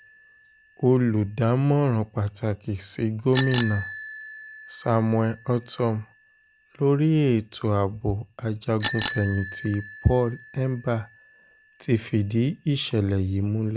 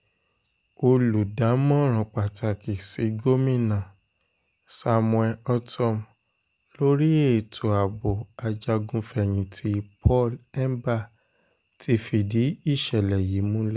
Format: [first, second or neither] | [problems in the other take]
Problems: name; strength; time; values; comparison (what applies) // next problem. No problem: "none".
second | background sound (Bicycle bell); 15 dB below the speech